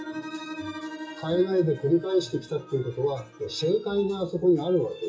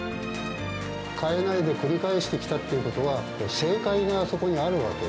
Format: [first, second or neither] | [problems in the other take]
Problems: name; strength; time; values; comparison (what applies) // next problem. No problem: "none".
second | noise reduction (classical method WPE with log-MMSE)